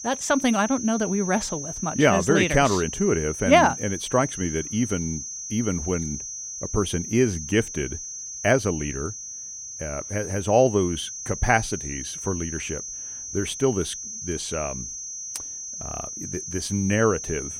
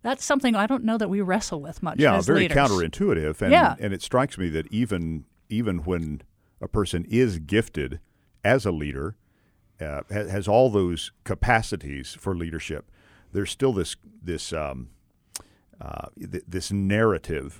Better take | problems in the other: second | high-pitched whine; loud; throughout; 6.5 kHz, 8 dB below the speech

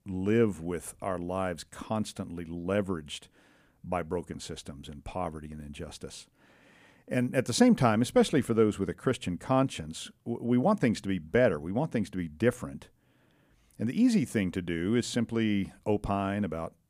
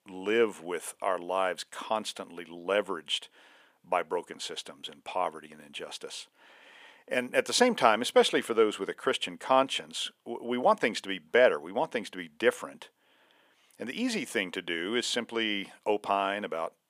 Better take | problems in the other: first | thin; somewhat; fading below 450 Hz

